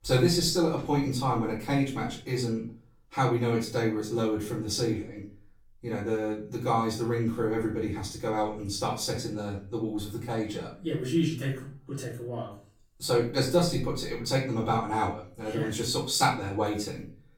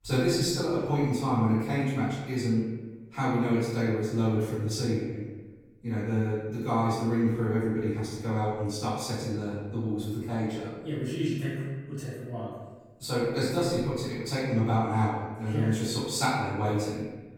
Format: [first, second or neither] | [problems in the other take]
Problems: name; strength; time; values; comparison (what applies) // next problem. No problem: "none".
first | room echo; strong; dies away in 1.2 s; slight in the first // off-mic speech; far; far in the first